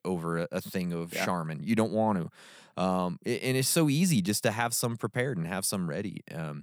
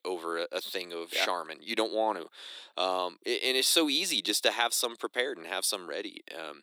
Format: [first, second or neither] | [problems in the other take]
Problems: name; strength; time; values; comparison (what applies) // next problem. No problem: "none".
first | thin; very; fading below 300 Hz